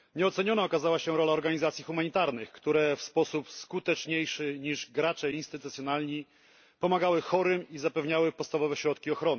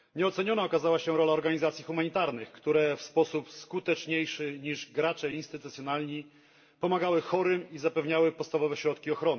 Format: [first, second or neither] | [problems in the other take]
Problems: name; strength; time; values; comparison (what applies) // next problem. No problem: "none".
first | room echo; dies away in 1 s